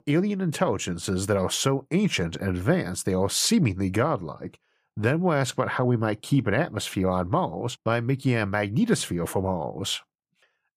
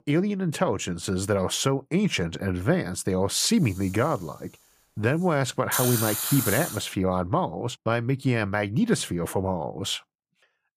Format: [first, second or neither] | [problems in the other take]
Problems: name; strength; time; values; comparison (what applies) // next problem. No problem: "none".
first | hiss; loud; from 3.5 to 6.5 s; 2 dB below the speech